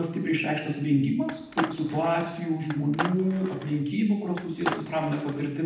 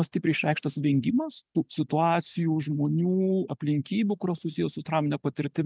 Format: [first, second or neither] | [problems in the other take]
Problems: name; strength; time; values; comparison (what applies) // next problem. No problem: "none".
second | background sound (Skateboard); 9 dB below the speech // room echo; dies away in 0.8 s